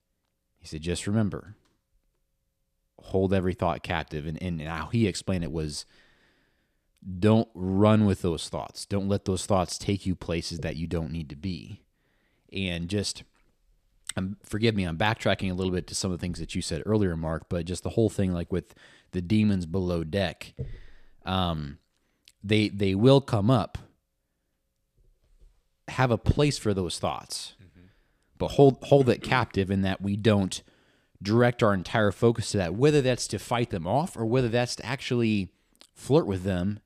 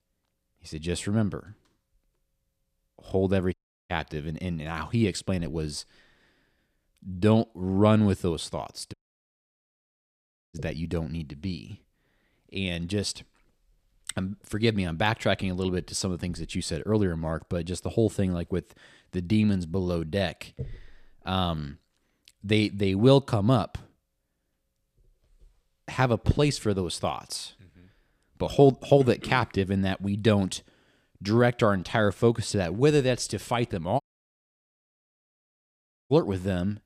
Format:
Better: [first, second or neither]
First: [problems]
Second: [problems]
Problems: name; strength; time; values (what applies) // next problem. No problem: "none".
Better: first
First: none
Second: audio cutting out; at 3.5 s, at 9 s for 1.5 s and at 34 s for 2 s